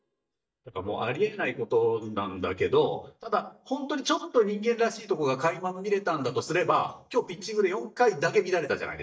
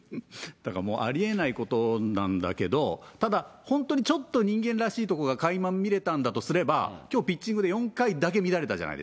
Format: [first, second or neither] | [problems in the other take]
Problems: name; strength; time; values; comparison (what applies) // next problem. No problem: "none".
second | noise reduction (neural mask model DeepFilterNet 3)